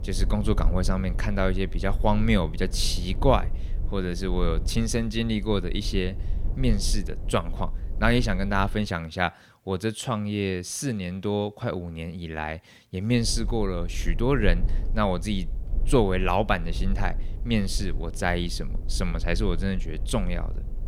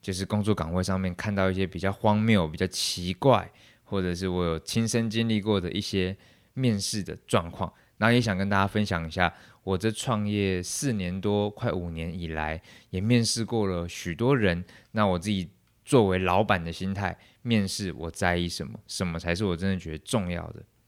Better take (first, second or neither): second